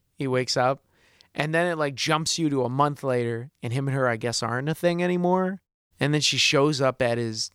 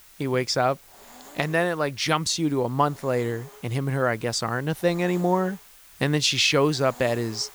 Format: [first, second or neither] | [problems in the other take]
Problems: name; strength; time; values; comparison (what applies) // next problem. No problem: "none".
first | hiss; faint; throughout; 20 dB below the speech